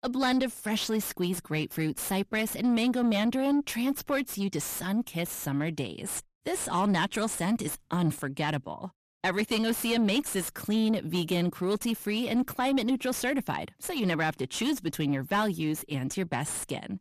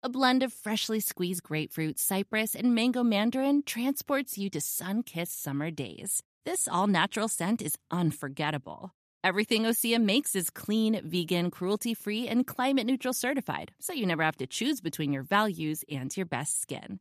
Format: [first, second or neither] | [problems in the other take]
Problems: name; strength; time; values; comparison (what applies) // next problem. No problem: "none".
second | distortion; slight; 9 dB below the speech